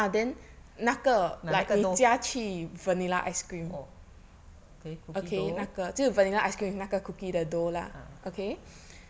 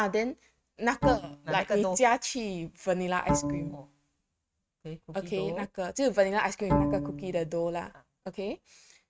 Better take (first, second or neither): first